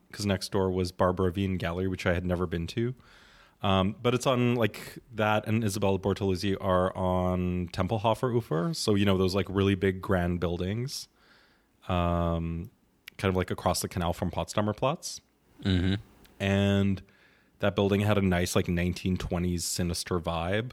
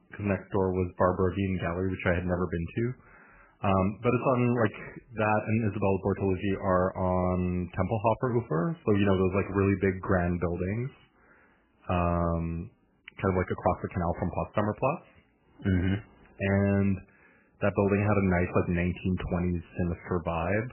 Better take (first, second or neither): first